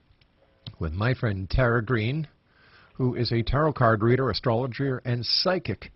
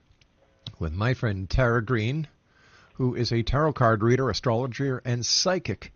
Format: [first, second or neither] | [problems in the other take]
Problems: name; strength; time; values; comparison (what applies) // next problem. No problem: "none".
second | garbled, watery; badly; nothing above 5.5 kHz; slightly in the second